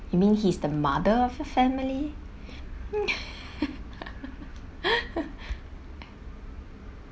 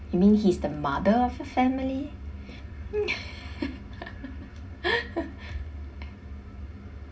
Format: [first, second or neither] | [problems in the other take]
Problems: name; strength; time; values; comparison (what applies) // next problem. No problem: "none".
first | room echo; dies away in 0.4 s